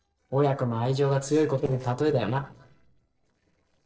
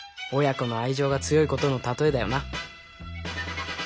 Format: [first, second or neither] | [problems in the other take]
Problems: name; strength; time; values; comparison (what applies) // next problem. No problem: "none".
second | noise reduction (neural separator model SepFormer DNS4)